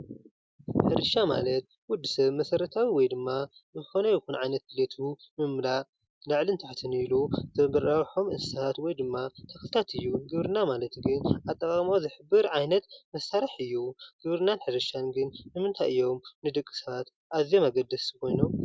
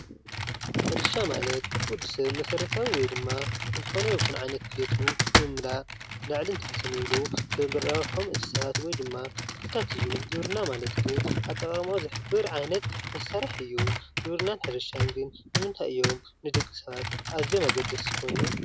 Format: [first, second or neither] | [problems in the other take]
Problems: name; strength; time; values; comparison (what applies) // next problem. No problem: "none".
first | background sound (Computer keyboard); 1 dB above the speech